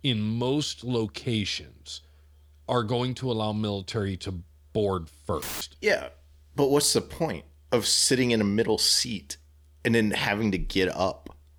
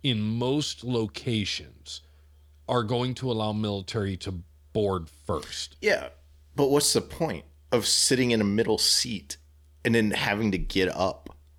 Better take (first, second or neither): second